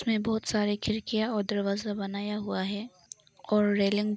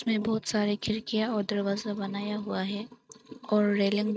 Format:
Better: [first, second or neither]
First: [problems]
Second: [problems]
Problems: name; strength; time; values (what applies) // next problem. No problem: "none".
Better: first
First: none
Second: noise reduction (neural mask model RNNoise)